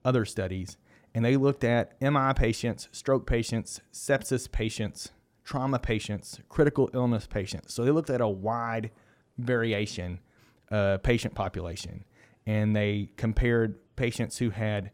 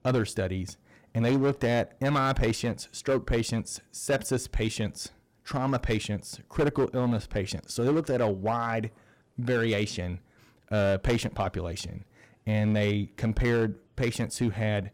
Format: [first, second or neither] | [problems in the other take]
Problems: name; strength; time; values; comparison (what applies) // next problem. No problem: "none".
first | distortion; slight; 7% of the sound clipped